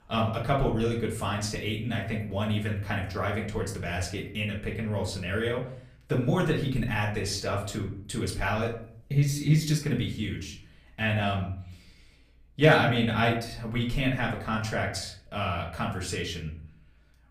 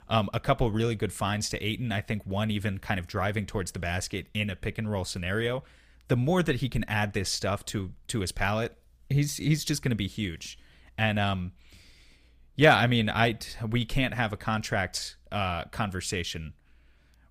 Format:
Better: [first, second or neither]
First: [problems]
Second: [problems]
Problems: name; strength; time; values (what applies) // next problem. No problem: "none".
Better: second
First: off-mic speech; far // room echo; slight; dies away in 0.5 s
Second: none